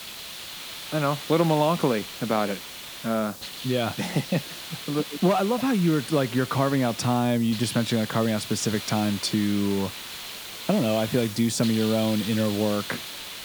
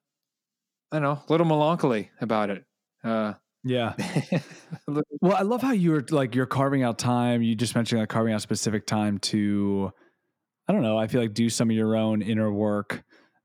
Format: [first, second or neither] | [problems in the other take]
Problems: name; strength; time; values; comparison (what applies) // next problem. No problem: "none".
second | hiss; loud; throughout; 10 dB below the speech